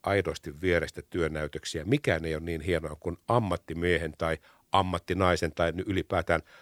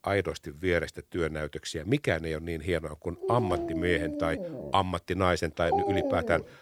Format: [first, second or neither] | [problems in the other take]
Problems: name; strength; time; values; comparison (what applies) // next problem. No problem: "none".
first | dog barking; loud; from 3 s on; peak 2 dB above the speech